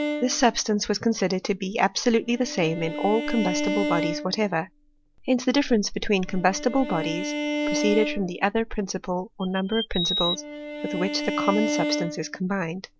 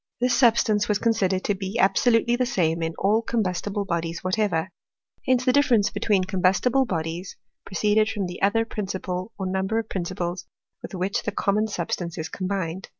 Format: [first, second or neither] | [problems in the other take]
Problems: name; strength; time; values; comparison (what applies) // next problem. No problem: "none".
second | background sound (Bowed string instrument + Bird vocalization, bird call, bird song); 5 dB below the speech